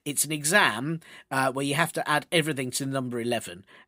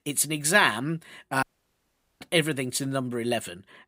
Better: first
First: none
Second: audio cutting out; at 1.5 s for 1 s

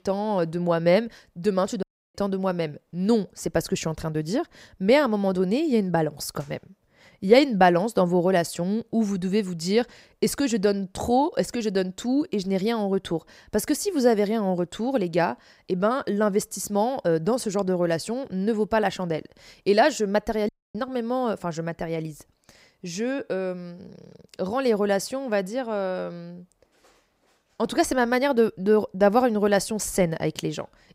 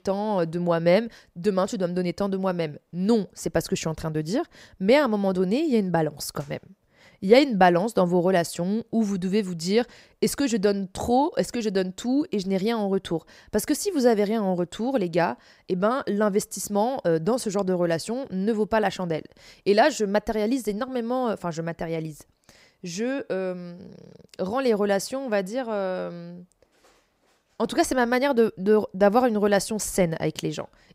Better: second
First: audio cutting out; at 2 s and at 20 s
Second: none

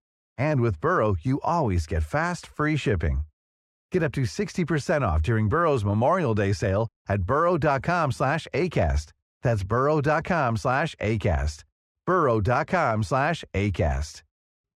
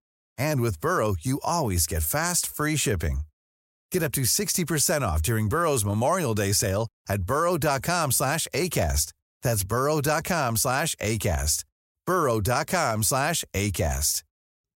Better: second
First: muffled; very; fading above 2.5 kHz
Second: none

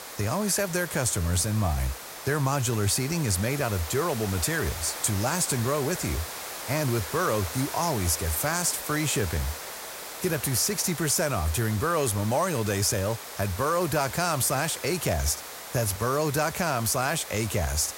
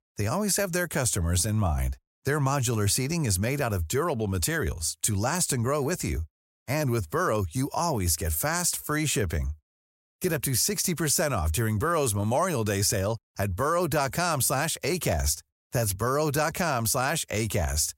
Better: second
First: hiss; loud; throughout; 9 dB below the speech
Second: none

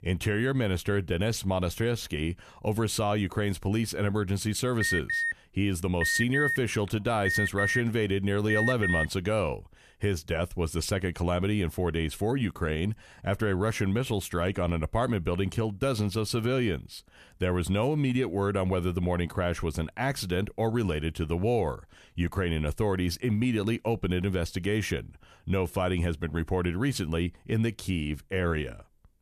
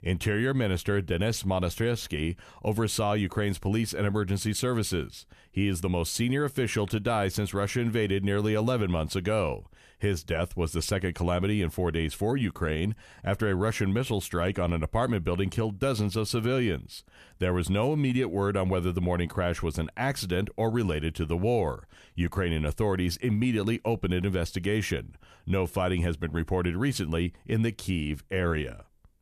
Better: second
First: alarm; loud; from 5 to 9 s; peak 2 dB above the speech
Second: none

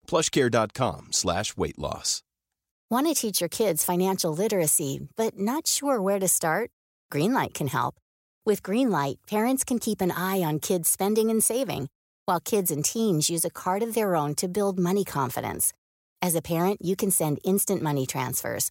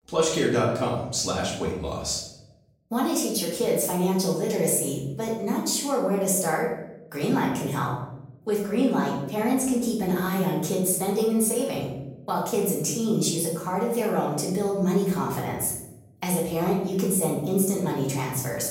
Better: first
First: none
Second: room echo; noticeable; dies away in 0.8 s // off-mic speech; far

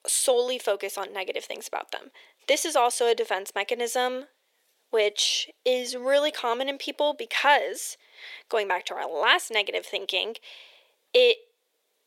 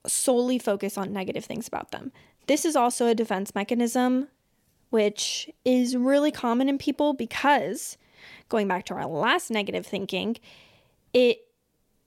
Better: second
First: thin; very; fading below 450 Hz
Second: none

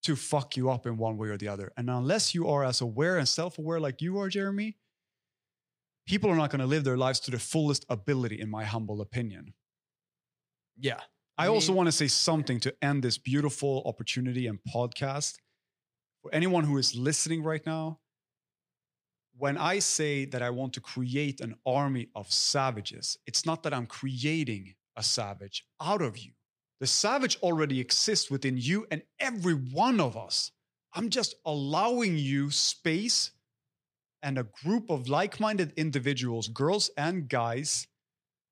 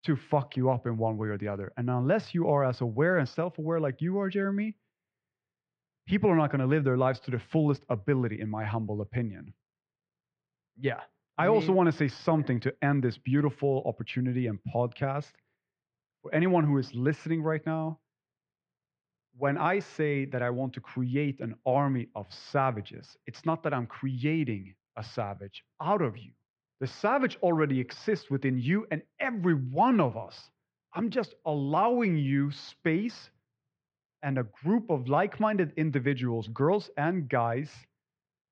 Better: first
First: none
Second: muffled; very; fading above 2 kHz

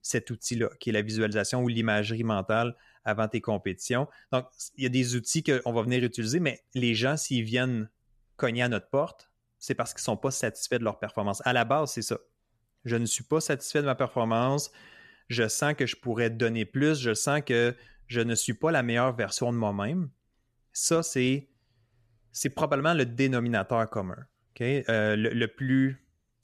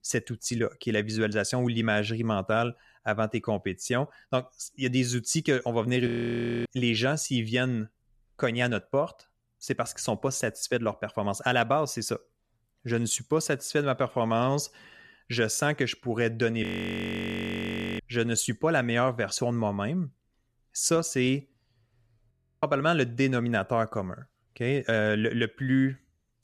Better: first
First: none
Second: audio freezing; at 6 s for 0.5 s, at 17 s for 1.5 s and at 22 s

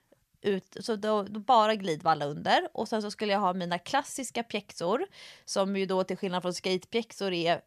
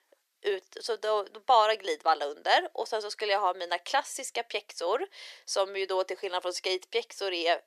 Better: first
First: none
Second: thin; very; fading below 350 Hz

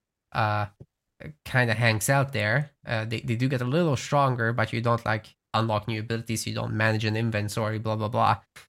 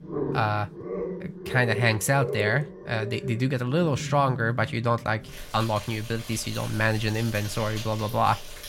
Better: first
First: none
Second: animal sounds; loud; throughout; 10 dB below the speech

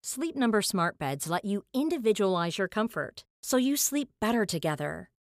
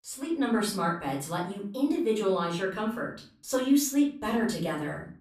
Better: first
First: none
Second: off-mic speech; far // room echo; slight; dies away in 0.4 s

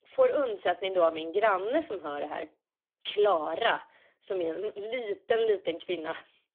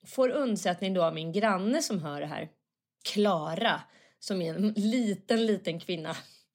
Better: second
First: phone-call audio; poor line; nothing above 3.5 kHz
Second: none

